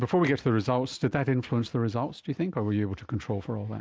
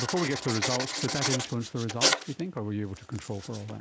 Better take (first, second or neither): first